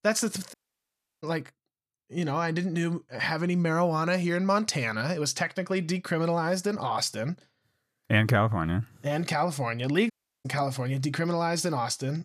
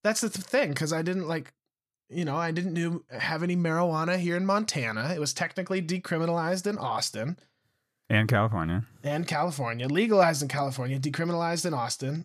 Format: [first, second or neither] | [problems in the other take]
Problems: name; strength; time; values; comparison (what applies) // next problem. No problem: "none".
second | audio cutting out; at 0.5 s for 0.5 s and at 10 s